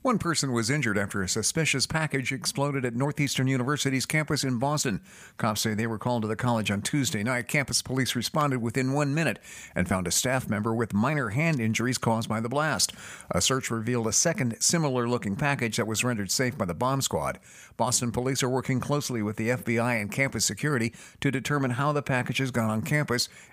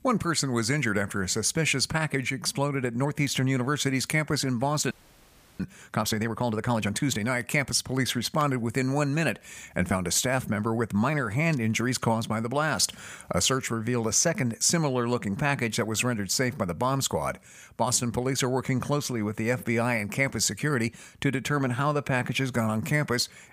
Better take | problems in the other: first | audio freezing; at 5 s for 0.5 s

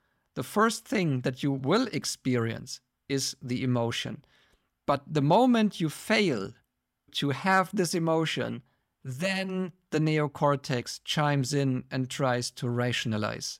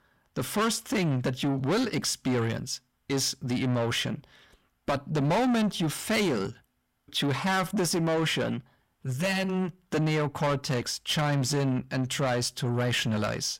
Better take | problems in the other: first | distortion; heavy; 7 dB below the speech

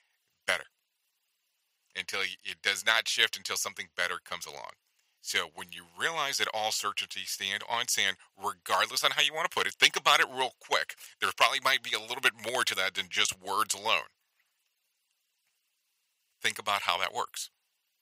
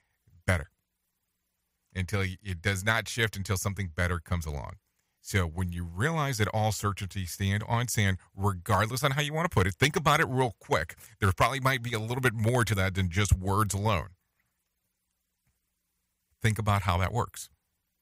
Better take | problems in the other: second | thin; very; fading below 600 Hz

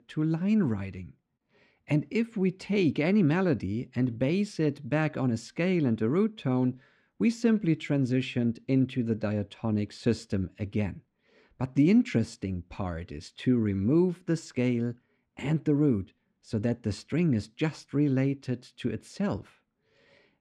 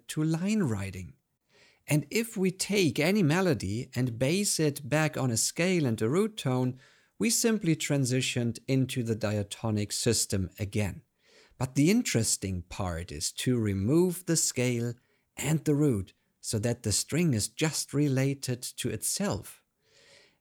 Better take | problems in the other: second | muffled; slightly; fading above 2.5 kHz

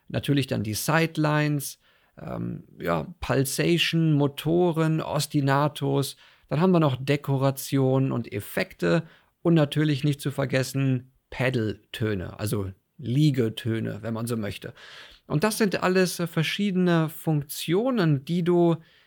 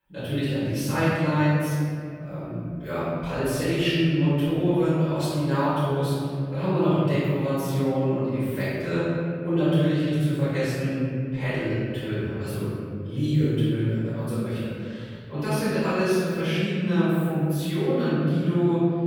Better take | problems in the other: first | off-mic speech; far // room echo; strong; dies away in 2.4 s

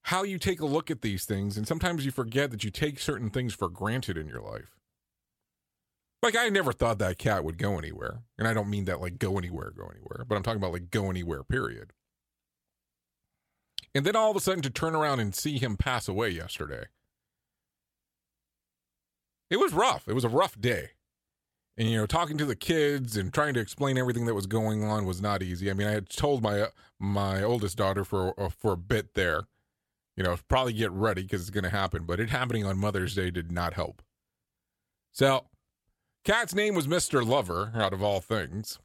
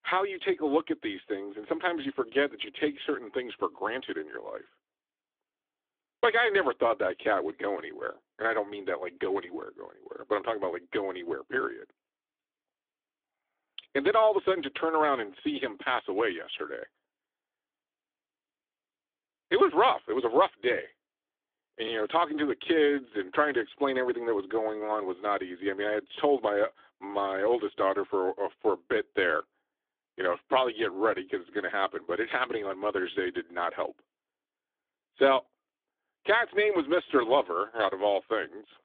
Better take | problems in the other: first | phone-call audio; nothing above 3.5 kHz

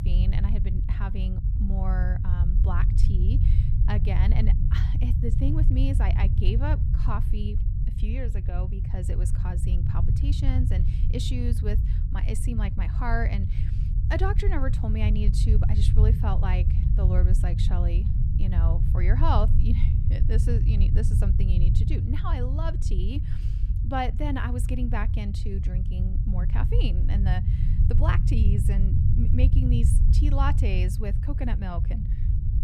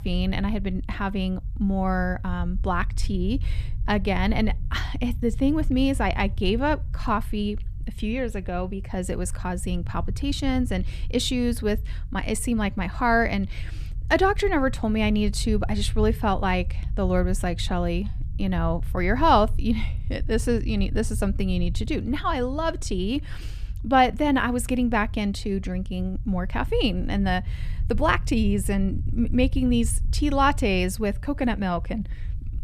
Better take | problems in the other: second | low rumble; loud; throughout; 5 dB below the speech; faint in the second

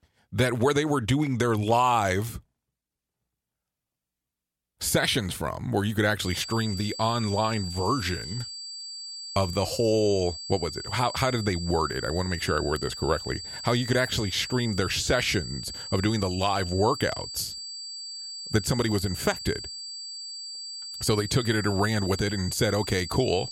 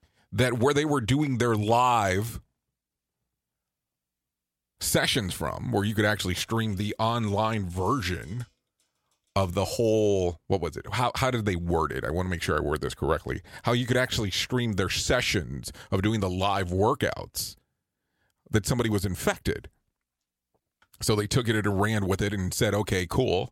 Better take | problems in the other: second | high-pitched whine; loud; from 6.5 s on; 4.5 kHz, 9 dB below the speech

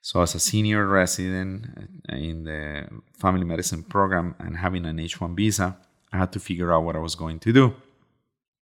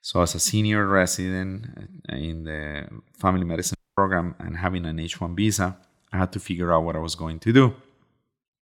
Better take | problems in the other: first | audio cutting out; at 4 s

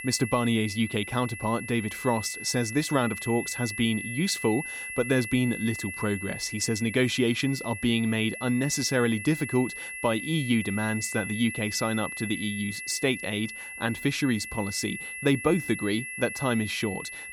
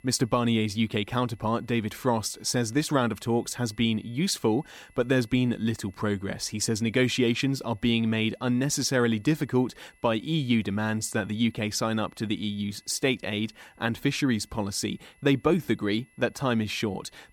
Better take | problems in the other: second | high-pitched whine; loud; throughout; 2 kHz, 8 dB below the speech; faint in the second

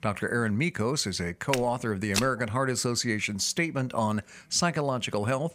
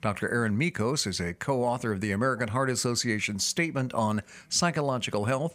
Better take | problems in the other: second | footsteps; noticeable; at 1.5 s; peak 3 dB below the speech

